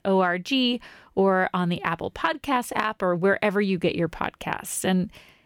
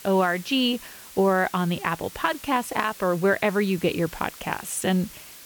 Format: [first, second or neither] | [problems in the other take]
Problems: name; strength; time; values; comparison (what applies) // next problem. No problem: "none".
first | hiss; noticeable; throughout; 15 dB below the speech